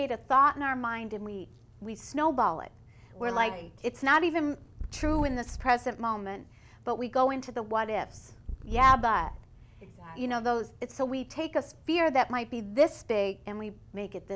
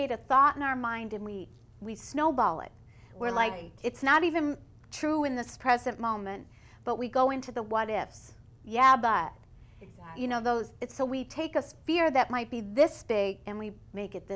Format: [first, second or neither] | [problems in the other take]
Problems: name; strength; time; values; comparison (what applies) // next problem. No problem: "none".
second | background sound (Purr); 9 dB below the speech